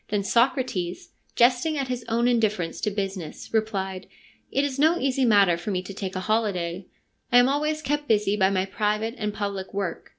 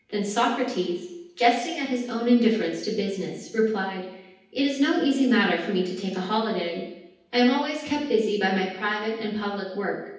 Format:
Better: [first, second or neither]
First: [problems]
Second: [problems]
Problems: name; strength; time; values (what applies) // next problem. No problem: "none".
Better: first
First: none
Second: room echo; dies away in 0.9 s